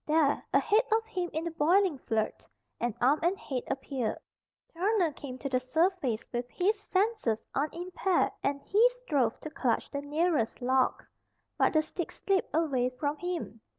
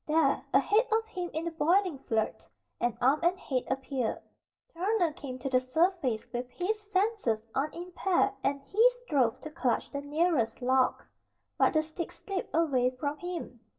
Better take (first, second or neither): first